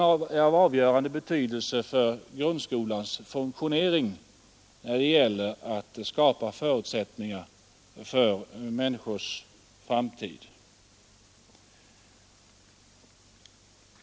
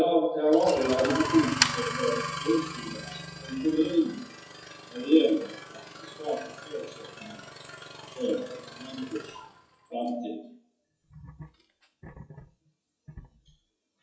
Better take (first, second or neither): first